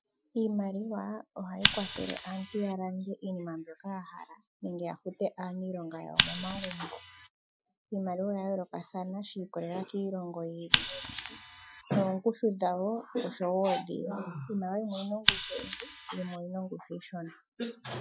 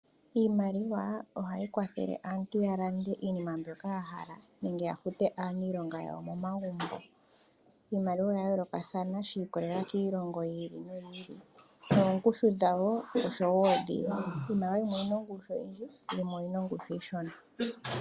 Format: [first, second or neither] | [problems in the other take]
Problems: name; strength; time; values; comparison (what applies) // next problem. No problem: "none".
second | noise reduction (classical method Wiener filter)